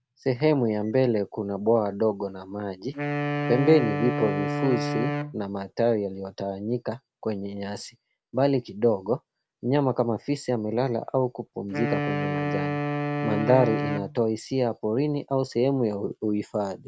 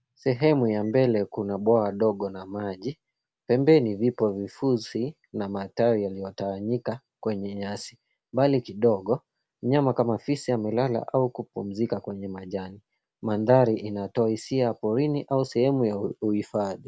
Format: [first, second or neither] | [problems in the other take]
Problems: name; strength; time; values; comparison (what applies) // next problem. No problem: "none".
second | background sound (Wind instrument, woodwind instrument); 3 dB below the speech